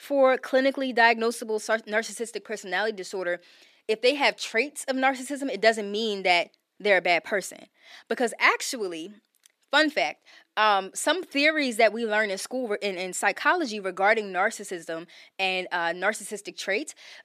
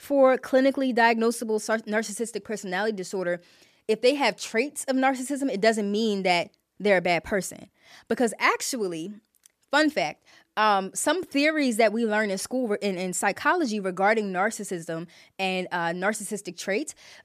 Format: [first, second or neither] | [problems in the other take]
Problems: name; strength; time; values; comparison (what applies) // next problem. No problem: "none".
second | thin; very slightly; fading below 300 Hz